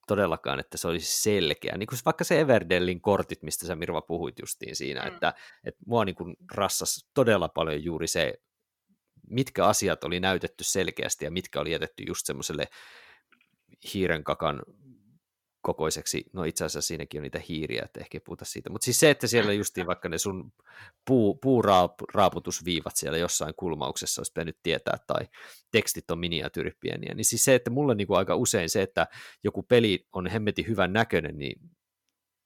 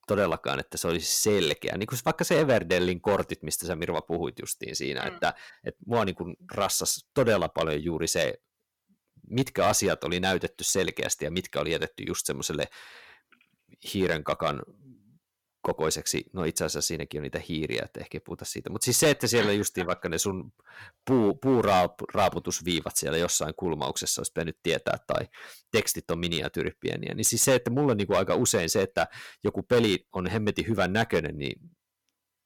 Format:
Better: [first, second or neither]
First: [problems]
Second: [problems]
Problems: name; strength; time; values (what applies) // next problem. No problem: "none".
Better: first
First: none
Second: distortion; slight; 3% of the sound clipped